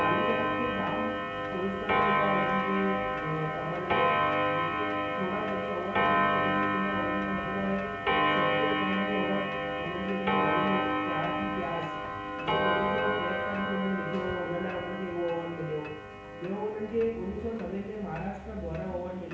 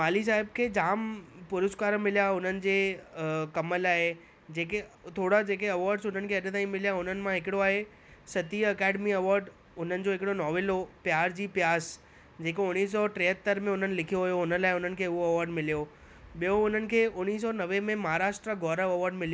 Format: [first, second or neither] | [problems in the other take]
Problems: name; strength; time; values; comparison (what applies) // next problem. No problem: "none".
second | background sound (Clock); 4 dB above the speech // room echo; dies away in 1 s